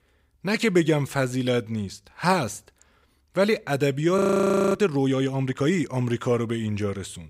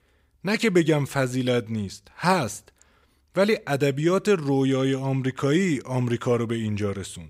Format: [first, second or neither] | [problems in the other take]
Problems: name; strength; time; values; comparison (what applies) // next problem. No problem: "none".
second | audio freezing; at 4 s for 0.5 s